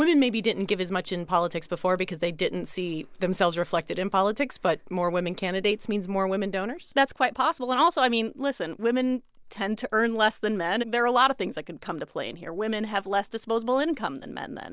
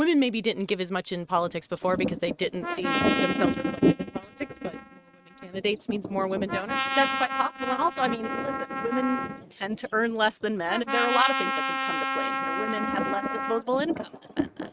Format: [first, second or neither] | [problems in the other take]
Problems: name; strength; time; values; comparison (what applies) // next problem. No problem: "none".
first | noise reduction (neural mask model RNNoise)